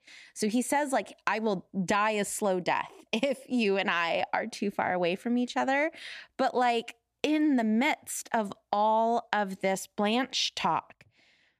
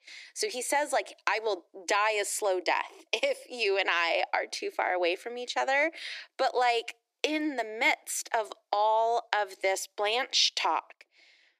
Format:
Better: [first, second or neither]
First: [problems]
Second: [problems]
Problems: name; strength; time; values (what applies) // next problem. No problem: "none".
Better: first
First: none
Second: thin; very; fading below 350 Hz